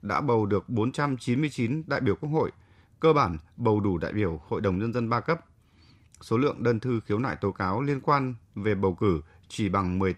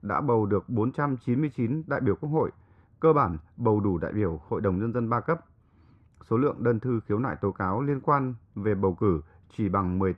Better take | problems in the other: first | muffled; very; fading above 2 kHz

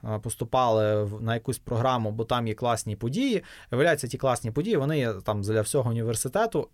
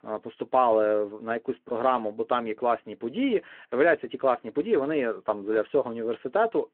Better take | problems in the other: first | phone-call audio

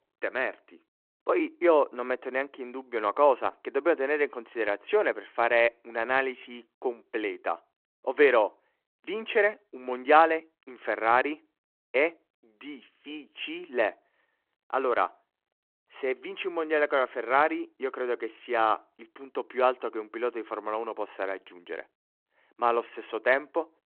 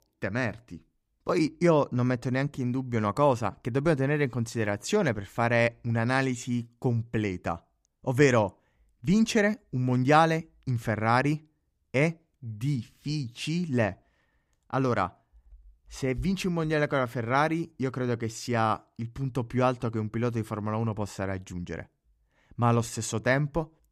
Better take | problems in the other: second | phone-call audio

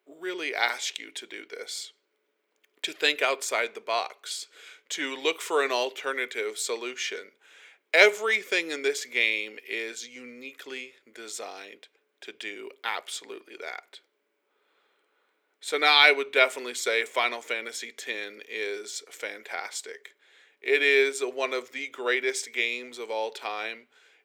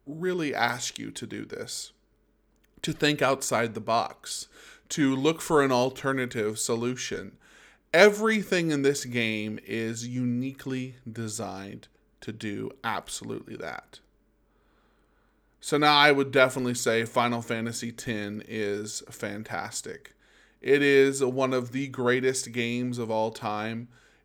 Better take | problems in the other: second | thin; very; fading below 400 Hz

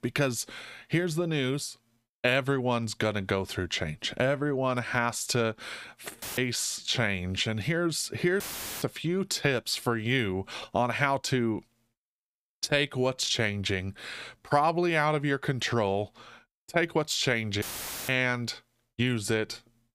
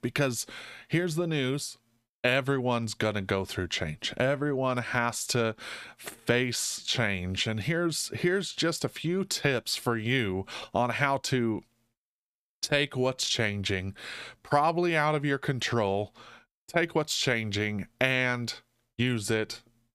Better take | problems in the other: second | audio cutting out; filled with static; at 6 s, at 8.5 s and at 18 s

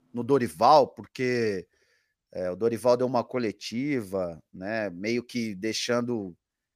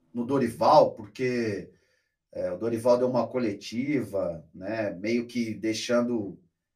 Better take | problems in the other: first | off-mic speech; far // room echo; very slight; dies away in 0.2 s

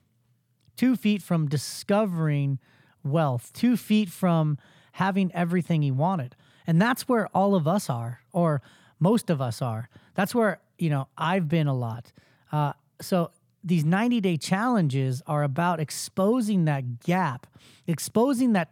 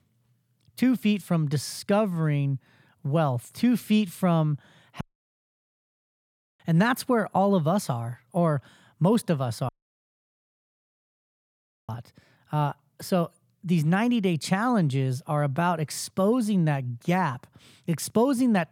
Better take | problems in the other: first | audio cutting out; at 5 s for 1.5 s and at 9.5 s for 2 s

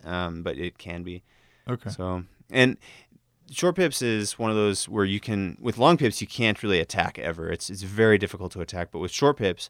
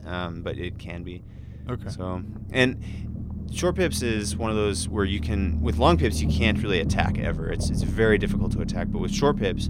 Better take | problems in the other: first | low rumble; noticeable; throughout; 10 dB below the speech

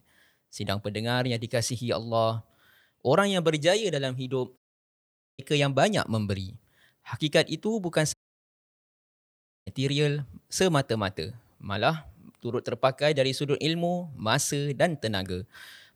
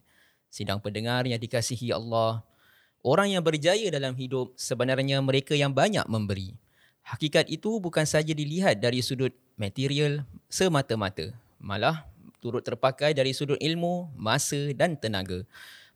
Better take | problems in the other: second | audio cutting out; at 4.5 s for 1 s and at 8 s for 1.5 s

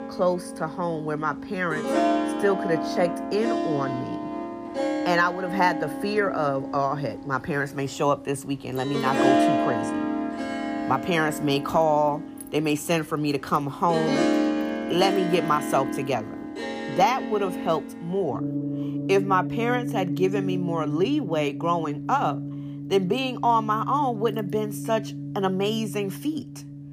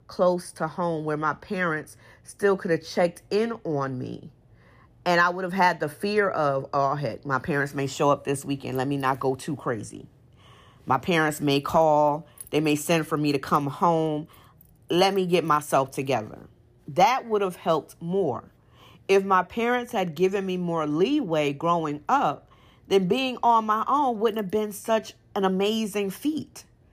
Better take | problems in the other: second | background music; loud; throughout; 3 dB below the speech

